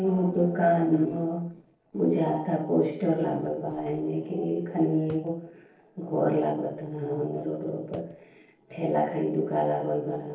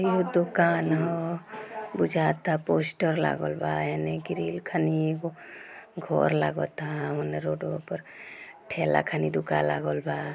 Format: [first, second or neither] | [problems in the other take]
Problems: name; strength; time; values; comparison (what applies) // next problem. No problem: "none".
second | noise reduction (neural separator model SepFormer DNS4)